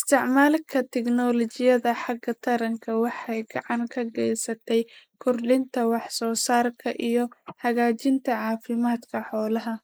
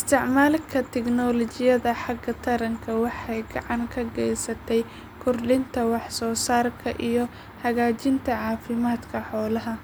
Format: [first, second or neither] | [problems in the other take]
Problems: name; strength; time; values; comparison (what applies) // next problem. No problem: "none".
second | noise reduction (neural mask model Resemble Enhance denoiser)